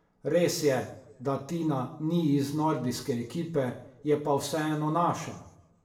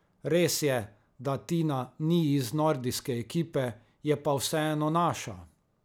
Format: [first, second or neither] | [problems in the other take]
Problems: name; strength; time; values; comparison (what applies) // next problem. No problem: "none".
second | room echo; dies away in 0.6 s